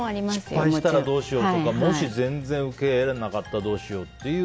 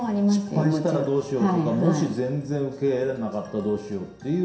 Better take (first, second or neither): first